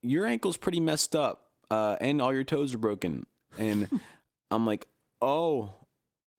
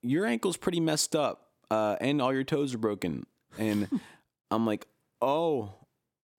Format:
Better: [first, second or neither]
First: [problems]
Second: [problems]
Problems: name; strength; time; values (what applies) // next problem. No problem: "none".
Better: second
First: garbled, watery; slightly; nothing above 15.5 kHz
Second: none